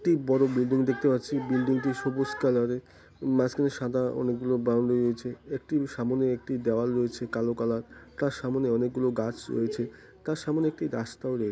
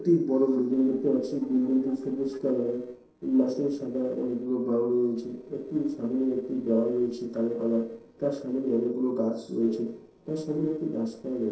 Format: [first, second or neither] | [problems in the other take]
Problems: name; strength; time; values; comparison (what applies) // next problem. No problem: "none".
first | noise reduction (neural separator model SepFormer DNS4)